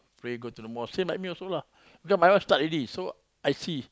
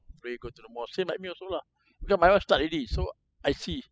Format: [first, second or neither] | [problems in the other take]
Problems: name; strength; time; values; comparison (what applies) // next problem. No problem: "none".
first | noise reduction (classical method spectral subtraction)